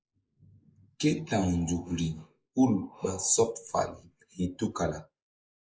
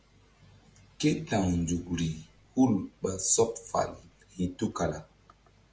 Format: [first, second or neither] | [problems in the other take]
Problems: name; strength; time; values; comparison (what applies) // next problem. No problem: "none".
second | noise reduction (neural mask model Resemble Enhance denoiser)